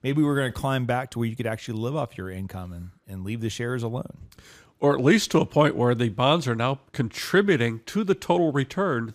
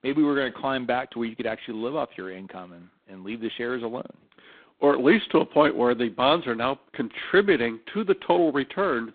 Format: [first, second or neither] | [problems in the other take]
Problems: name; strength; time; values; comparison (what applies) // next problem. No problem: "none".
first | phone-call audio; poor line